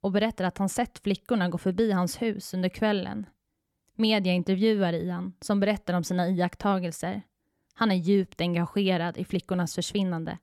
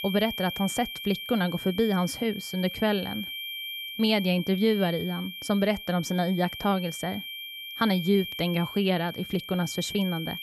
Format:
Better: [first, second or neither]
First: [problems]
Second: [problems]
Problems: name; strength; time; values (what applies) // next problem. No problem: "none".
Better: first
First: none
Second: high-pitched whine; loud; throughout; 3 kHz, 8 dB below the speech